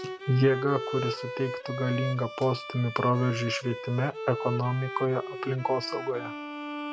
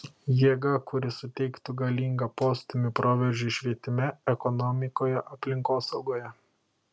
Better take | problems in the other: second | background sound (Bowed string instrument); 8 dB below the speech

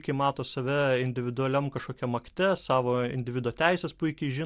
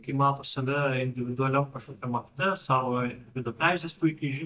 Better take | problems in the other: first | noise reduction (neural mask model DeepFilterNet 3)

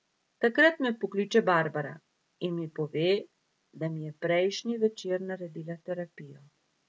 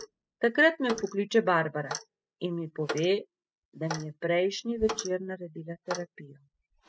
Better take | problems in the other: first | noise reduction (classical method spectral subtraction)

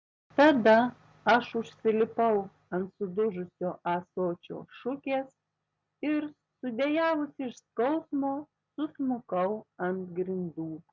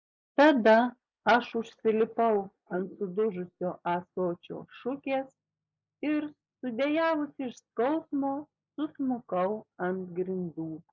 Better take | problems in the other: first | noise reduction (neural mask model Resemble Enhance denoiser)

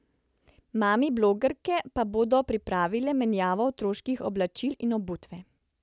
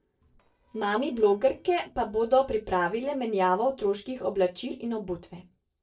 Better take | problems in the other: first | noise reduction (neural separator model SepFormer DNS4)

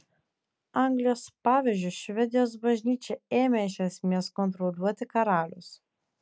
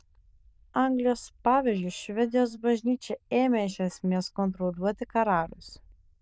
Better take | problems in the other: first | noise reduction (neural diffusion model UNIVERSE++)

